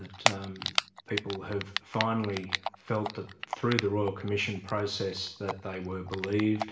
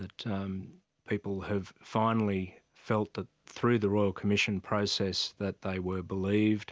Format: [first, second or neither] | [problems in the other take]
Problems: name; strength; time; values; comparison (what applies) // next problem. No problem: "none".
second | background sound (Typing); 4 dB below the speech // room echo; dies away in 0.5 s